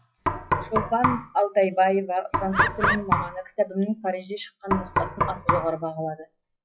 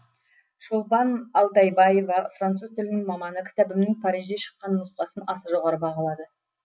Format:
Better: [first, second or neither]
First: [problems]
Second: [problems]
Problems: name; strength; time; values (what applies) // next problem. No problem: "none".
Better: second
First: noise reduction (classical method log-MMSE)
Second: none